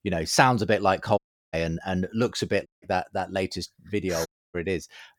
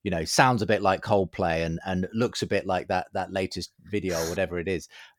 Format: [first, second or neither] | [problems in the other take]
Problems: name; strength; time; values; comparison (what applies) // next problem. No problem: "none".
second | audio cutting out; at 1 s, at 2.5 s and at 4.5 s